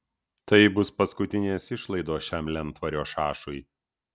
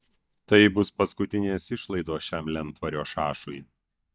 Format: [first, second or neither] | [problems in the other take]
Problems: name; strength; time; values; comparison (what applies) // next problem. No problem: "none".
first | noise reduction (neural mask model DeepFilterNet 3)